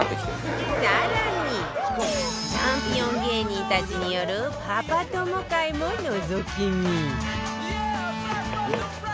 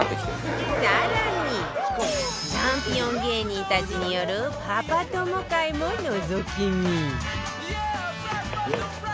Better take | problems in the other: second | background sound (Bowed string instrument); 9 dB below the speech

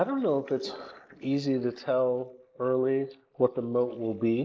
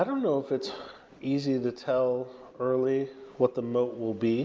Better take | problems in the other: second | noise reduction (neural mask model Resemble Enhance denoiser)

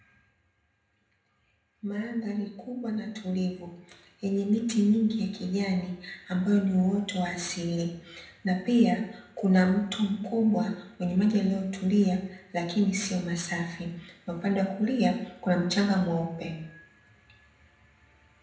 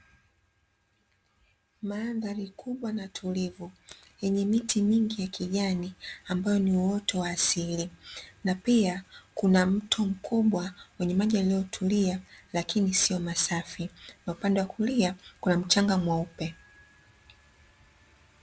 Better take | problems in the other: second | room echo; dies away in 0.7 s

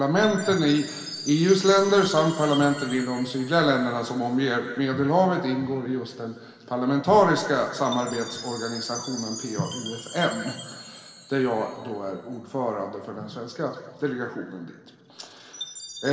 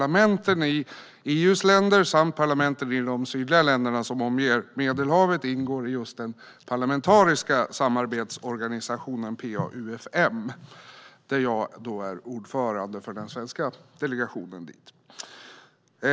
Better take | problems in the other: second | background sound (Chime); 16 dB below the speech // room echo; dies away in 2.2 s

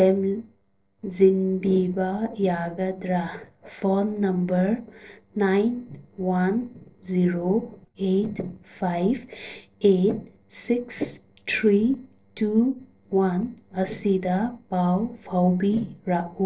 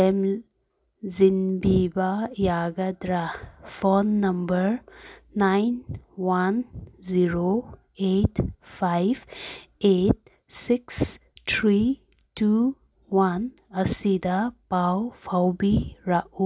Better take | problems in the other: second | noise reduction (neural separator model SepFormer DNS4)

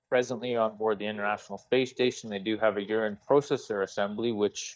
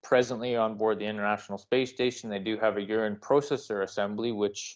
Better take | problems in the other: second | noise reduction (neural mask model DeepFilterNet 3)

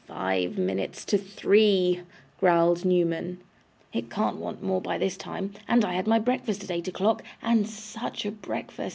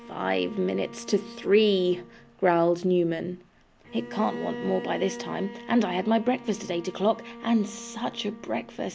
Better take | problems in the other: first | background sound (Bowed string instrument); 15 dB below the speech

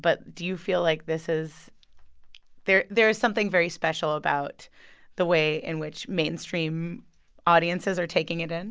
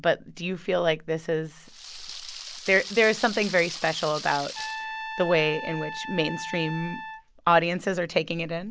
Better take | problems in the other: first | background sound (Rain + Trumpet); 10 dB below the speech

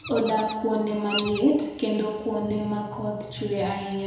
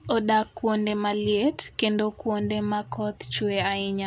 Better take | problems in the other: second | background sound (Bird vocalization, bird call, bird song); 15 dB below the speech // room echo; dies away in 1 s

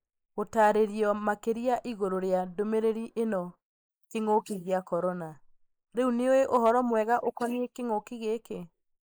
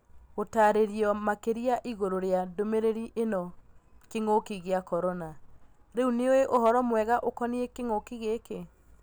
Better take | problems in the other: second | noise reduction (neural mask model Resemble Enhance denoiser)

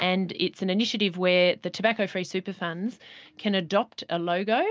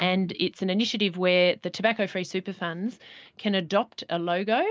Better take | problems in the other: first | noise reduction (neural mask model Resemble Enhance denoiser)

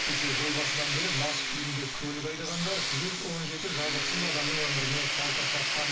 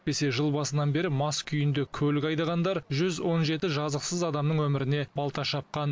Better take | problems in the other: second | background sound (Tools); 4 dB above the speech // room echo; dies away in 0.2 s

